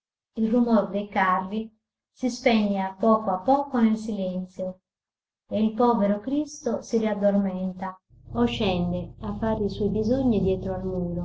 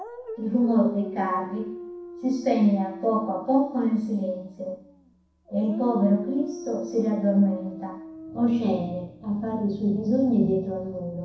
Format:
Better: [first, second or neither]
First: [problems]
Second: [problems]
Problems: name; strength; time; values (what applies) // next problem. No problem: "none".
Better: first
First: none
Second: background sound (Dog); 14 dB below the speech // room echo; dies away in 0.6 s